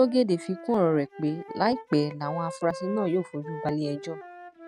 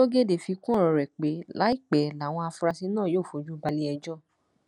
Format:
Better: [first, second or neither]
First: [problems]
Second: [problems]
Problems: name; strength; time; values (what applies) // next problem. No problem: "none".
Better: second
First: noise reduction (neural mask model RNNoise)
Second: none